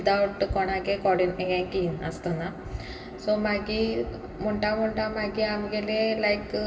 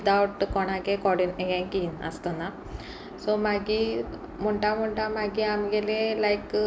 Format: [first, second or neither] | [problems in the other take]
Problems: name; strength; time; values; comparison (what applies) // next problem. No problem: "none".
second | room echo; dies away in 2.4 s